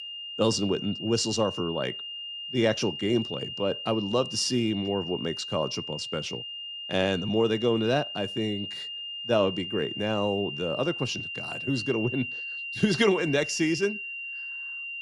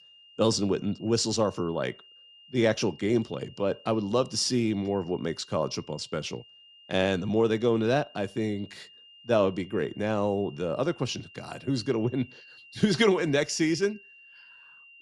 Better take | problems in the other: second | high-pitched whine; loud; throughout; 3 kHz, 6 dB below the speech; faint in the second

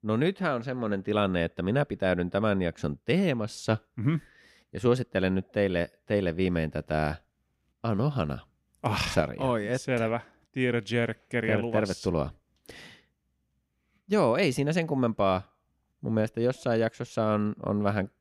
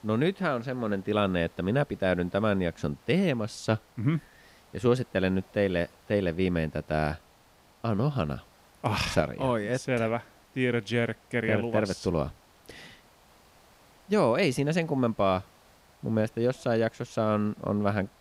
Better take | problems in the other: first | hiss; faint; throughout; 30 dB below the speech

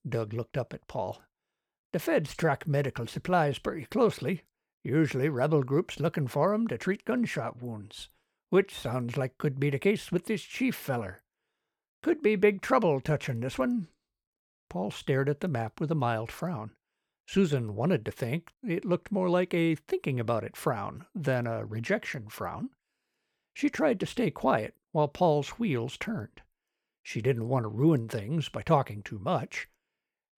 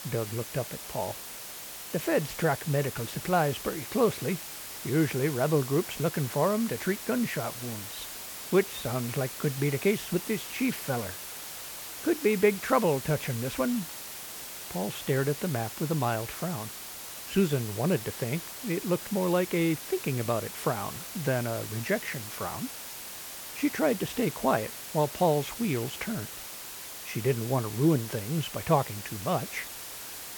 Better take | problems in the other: first | hiss; loud; throughout; 8 dB below the speech

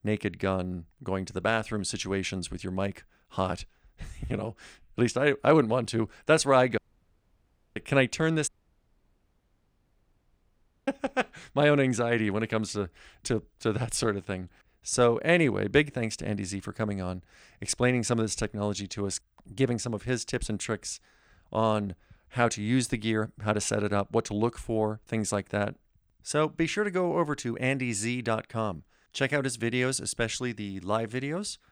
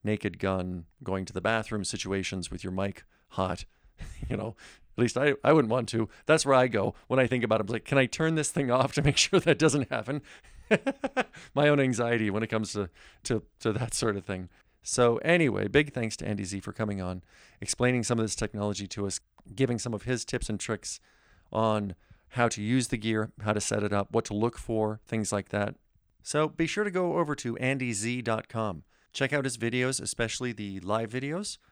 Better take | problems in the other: second | audio cutting out; at 7 s for 1 s and at 8.5 s for 2.5 s

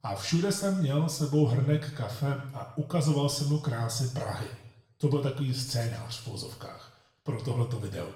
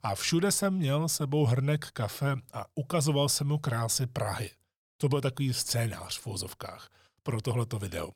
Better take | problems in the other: second | room echo; noticeable; dies away in 0.8 s // off-mic speech; far

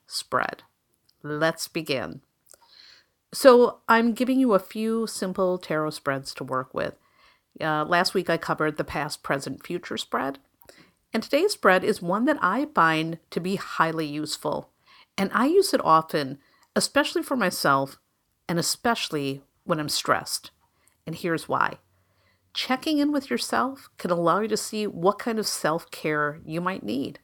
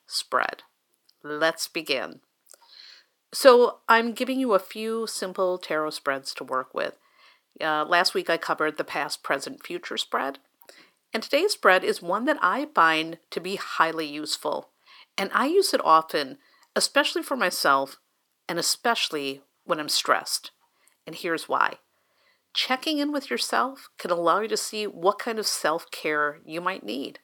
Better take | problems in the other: first | thin; very slightly; fading below 350 Hz

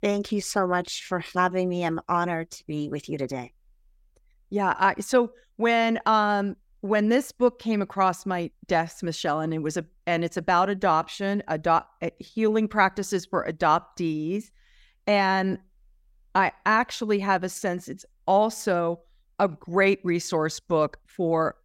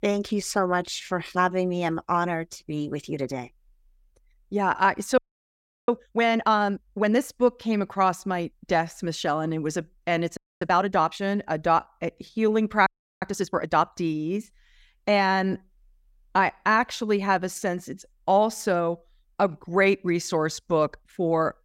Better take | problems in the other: first | audio freezing; at 5 s for 0.5 s, at 10 s and at 13 s

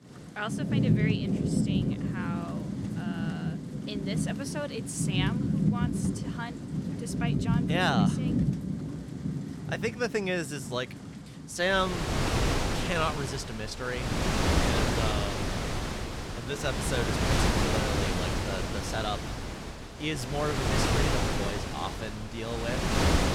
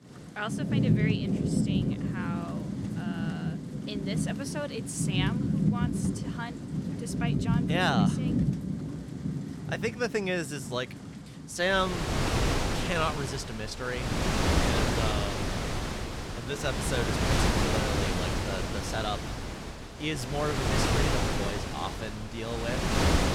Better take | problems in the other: neither | rain or running water; very loud; throughout; 4 dB above the speech; the same in both

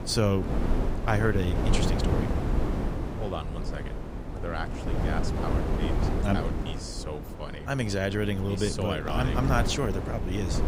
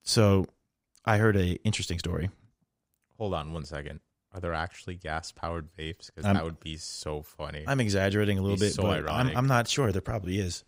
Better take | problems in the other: second | wind noise on the microphone; heavy; 4 dB below the speech

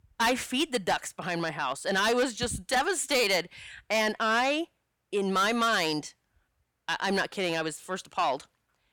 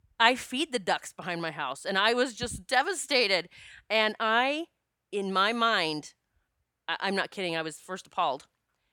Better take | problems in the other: second | distortion; heavy; 7 dB below the speech

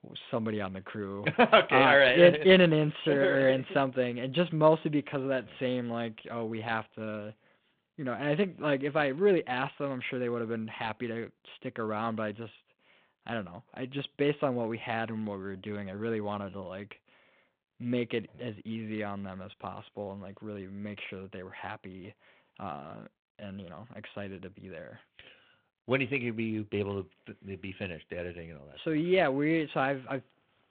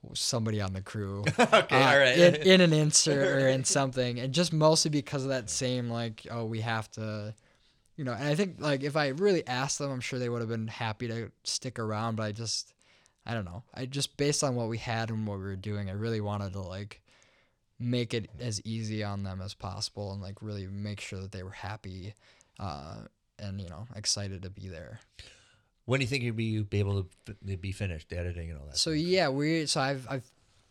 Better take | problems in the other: second | phone-call audio

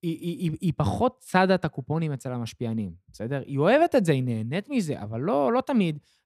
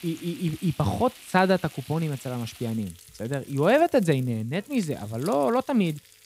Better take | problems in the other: first | household noises; noticeable; throughout; 20 dB below the speech

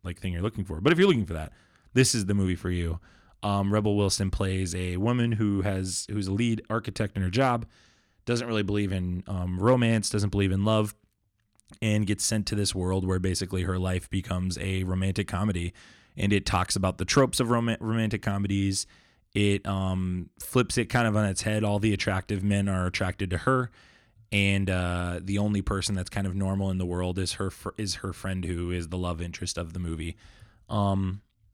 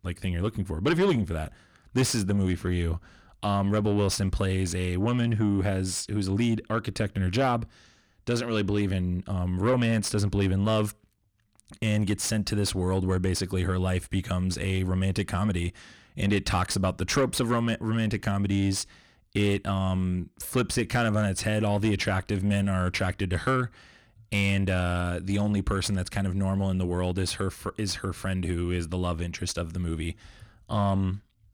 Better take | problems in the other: first | distortion; slight; 10 dB below the speech

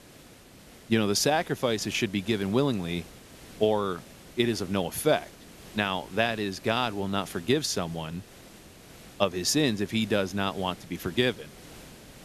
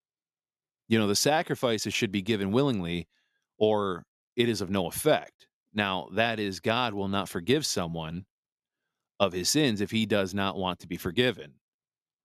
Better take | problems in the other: second | hiss; faint; throughout; 20 dB below the speech

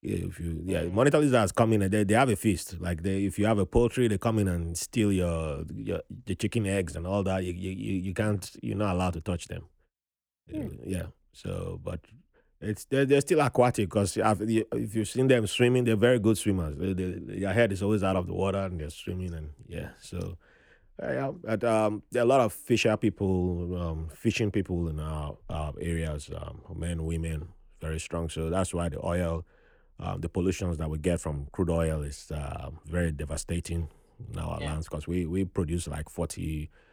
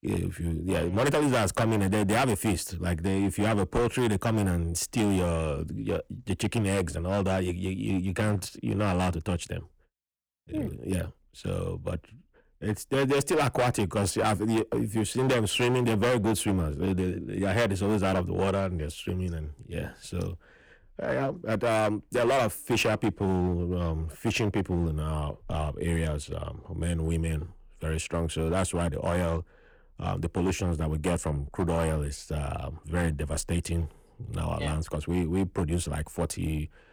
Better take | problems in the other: first | distortion; heavy; 12% of the sound clipped

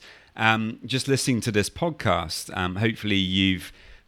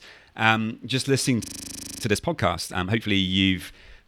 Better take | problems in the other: first | audio freezing; at 1.5 s for 0.5 s

